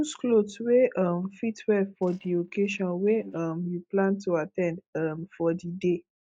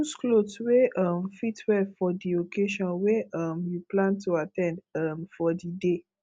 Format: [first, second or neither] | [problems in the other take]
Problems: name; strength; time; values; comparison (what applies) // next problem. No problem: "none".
second | noise reduction (neural mask model DeepFilterNet 3)